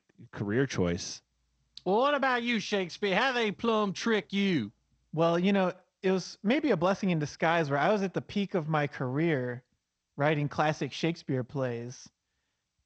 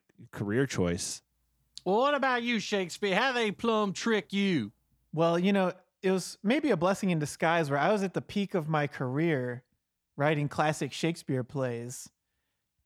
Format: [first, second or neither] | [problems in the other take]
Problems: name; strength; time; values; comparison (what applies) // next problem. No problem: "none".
second | garbled, watery; slightly